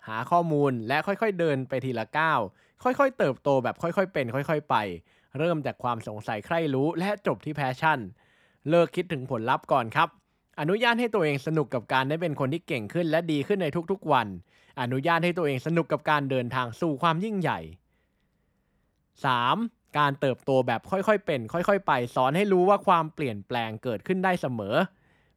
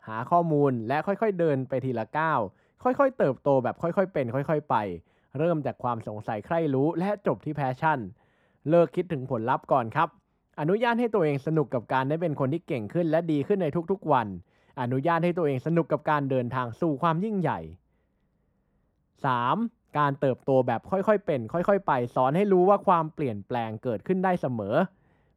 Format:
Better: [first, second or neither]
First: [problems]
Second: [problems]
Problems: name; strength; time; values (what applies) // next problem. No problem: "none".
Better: first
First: none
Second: muffled; slightly; fading above 1.5 kHz